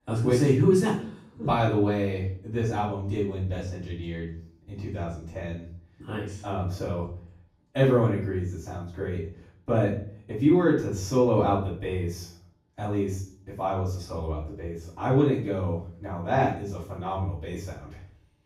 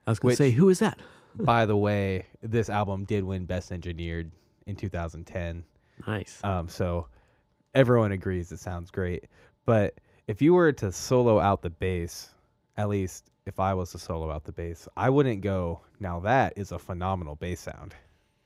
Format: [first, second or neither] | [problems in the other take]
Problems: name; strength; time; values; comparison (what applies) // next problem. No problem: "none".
second | room echo; noticeable; dies away in 0.5 s // off-mic speech; far